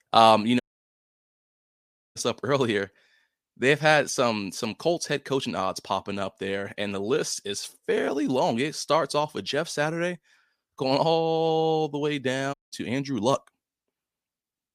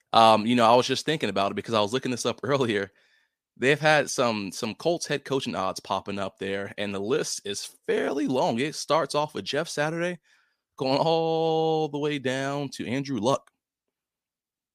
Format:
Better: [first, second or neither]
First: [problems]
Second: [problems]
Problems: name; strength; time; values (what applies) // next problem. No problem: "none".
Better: second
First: audio cutting out; at 0.5 s for 1.5 s and at 13 s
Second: none